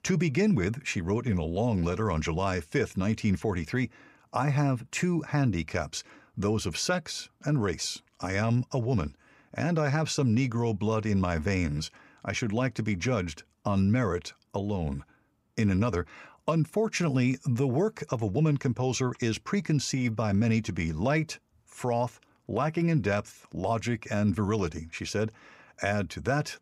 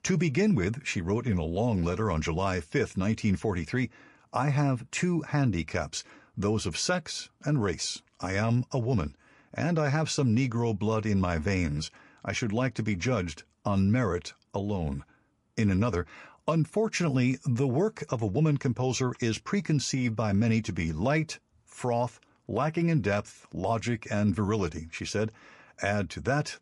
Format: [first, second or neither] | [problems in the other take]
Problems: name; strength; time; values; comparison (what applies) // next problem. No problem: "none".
first | garbled, watery; slightly; nothing above 11 kHz